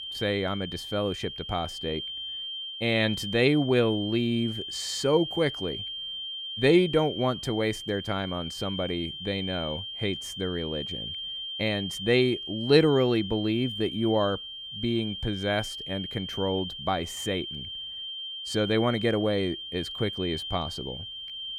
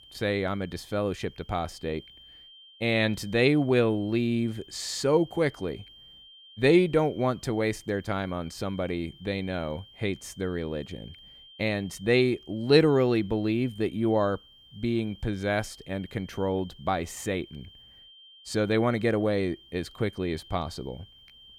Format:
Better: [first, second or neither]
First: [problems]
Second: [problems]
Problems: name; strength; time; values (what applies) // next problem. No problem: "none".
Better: second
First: high-pitched whine; loud; throughout; 3 kHz, 7 dB below the speech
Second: high-pitched whine; faint; throughout; 3 kHz, 25 dB below the speech